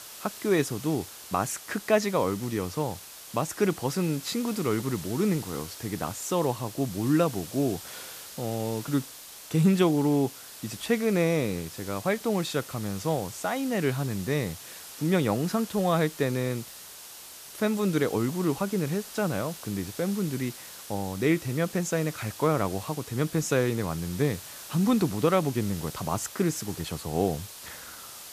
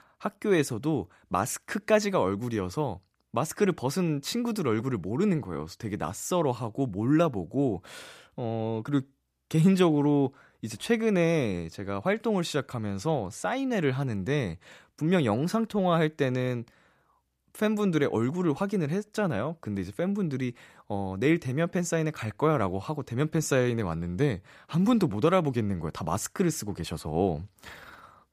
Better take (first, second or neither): second